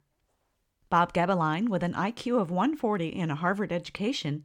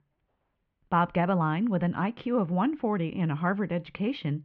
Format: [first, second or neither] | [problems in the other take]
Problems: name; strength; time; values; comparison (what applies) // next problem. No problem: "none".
first | muffled; slightly; fading above 3 kHz